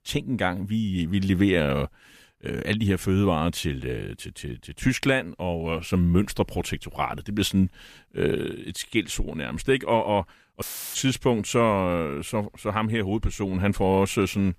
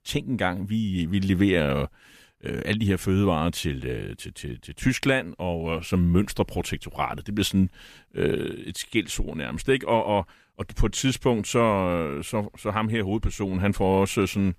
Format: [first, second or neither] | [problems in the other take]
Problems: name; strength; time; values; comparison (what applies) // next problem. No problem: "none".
second | audio cutting out; filled with static; at 11 s